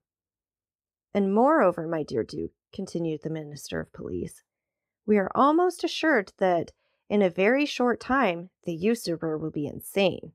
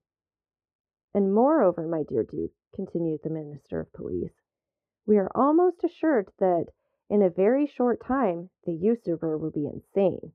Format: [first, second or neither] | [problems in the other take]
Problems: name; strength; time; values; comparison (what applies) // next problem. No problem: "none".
first | muffled; very; fading above 2.5 kHz